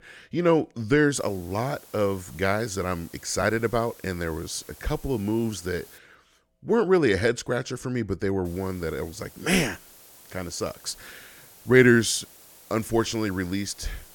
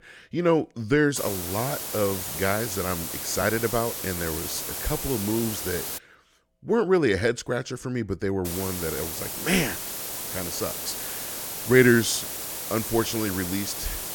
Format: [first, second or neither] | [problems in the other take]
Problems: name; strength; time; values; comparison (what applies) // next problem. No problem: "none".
first | hiss; loud; from 1 to 6 s and from 8.5 s on; 5 dB below the speech; faint in the first